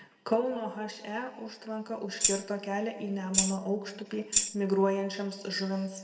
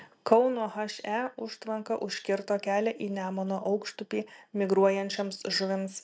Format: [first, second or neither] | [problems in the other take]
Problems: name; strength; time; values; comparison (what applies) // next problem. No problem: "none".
second | background sound (Tambourine); 2 dB above the speech // room echo; dies away in 1.7 s